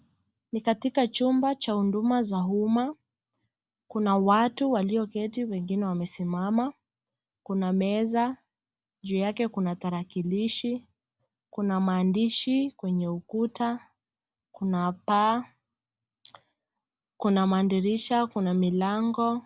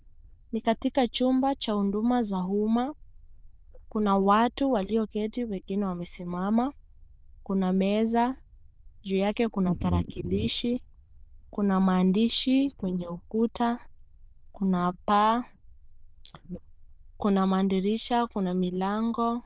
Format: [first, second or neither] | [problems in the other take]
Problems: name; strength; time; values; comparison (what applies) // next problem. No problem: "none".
first | noise reduction (neural diffusion model UNIVERSE++)